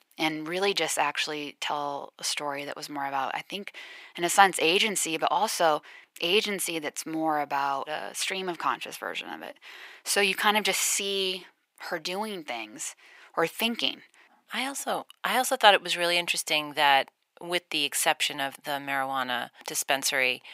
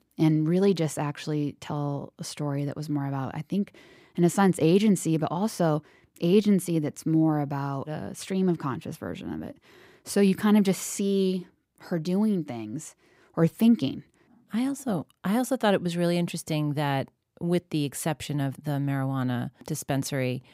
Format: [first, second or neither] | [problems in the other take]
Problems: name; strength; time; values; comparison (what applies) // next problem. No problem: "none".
second | thin; very; fading below 750 Hz